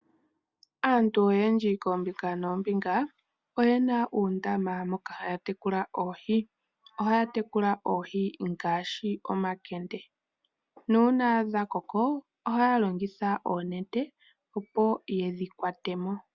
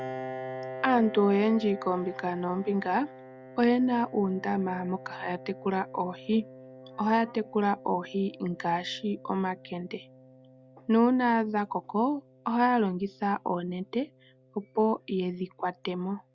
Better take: first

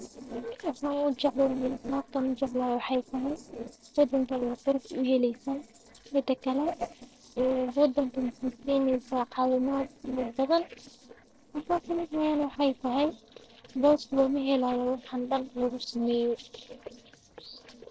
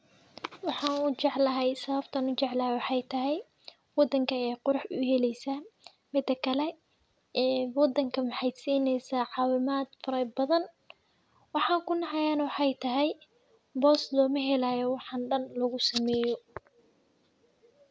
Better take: second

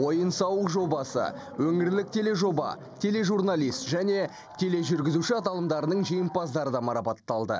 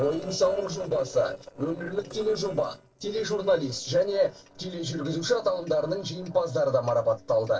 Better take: first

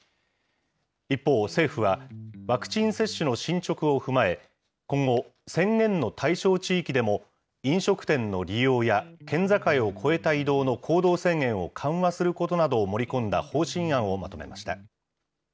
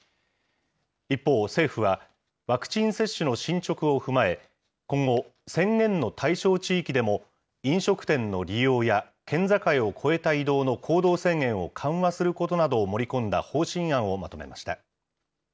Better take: second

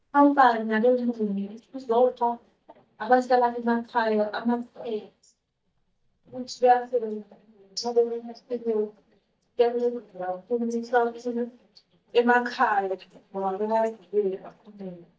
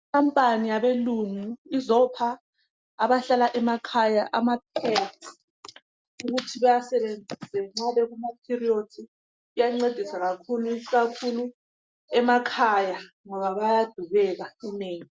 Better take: second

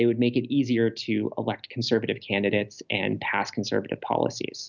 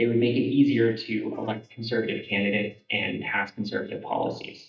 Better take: first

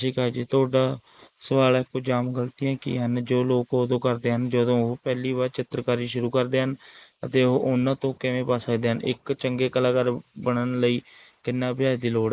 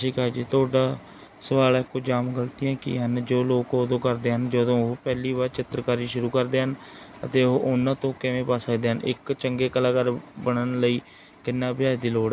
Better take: second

